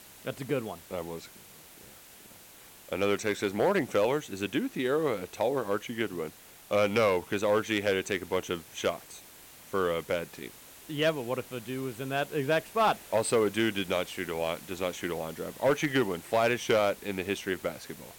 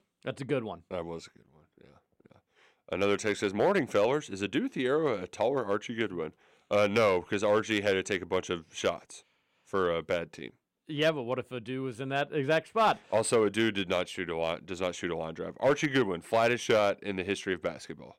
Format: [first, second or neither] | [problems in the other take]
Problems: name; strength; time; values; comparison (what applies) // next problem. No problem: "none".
second | hiss; noticeable; throughout; 20 dB below the speech